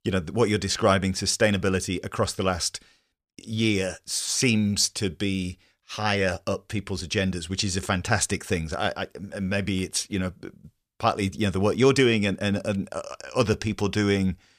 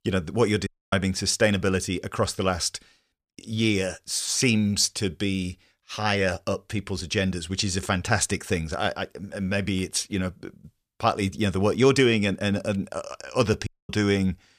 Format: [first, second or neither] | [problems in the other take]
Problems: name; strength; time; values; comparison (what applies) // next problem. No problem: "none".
first | audio cutting out; at 0.5 s and at 14 s